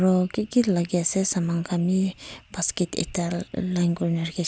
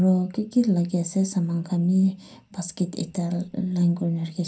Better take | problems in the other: first | room echo; dies away in 0.3 s

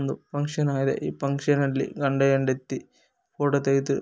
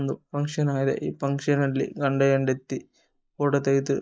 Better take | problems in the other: first | noise reduction (neural mask model Resemble Enhance denoiser)

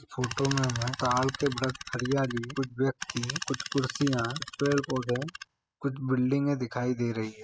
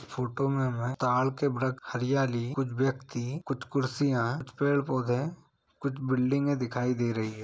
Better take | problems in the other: second | noise reduction (classical method spectral subtraction)

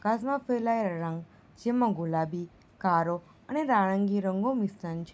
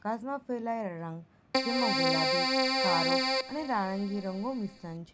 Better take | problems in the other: first | background sound (Keyboard (musical)); 4 dB above the speech

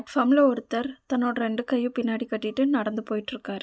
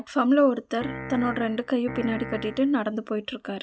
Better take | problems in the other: first | background sound (Piano); 11 dB below the speech

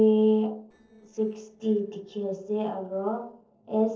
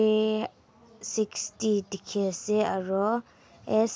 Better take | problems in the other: second | noise reduction (neural separator model SepFormer DNS4)

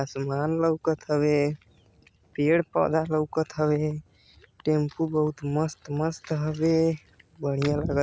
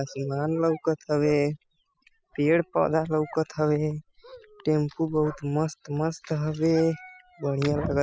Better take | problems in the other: first | noise reduction (classical method spectral subtraction)

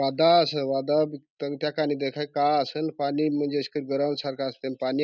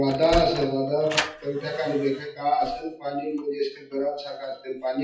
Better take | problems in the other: first | noise reduction (classical method WPE with log-MMSE)

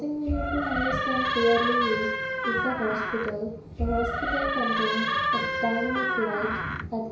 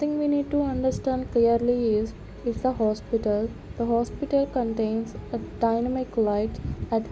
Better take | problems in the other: second | background sound (Door); 1 dB above the speech // room echo; dies away in 0.6 s

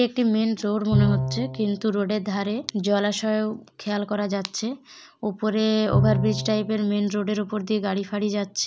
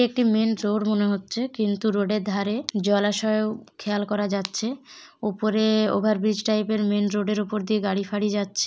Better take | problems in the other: second | background sound (Bowed string instrument); 6 dB below the speech

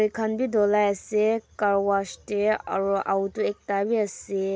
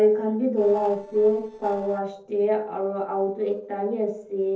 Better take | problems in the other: first | noise reduction (neural separator model SepFormer DNS4)

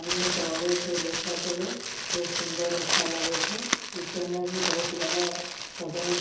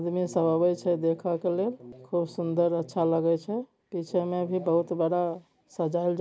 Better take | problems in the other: second | background sound (Crumpling, crinkling); 1 dB above the speech // room echo; dies away in 0.9 s

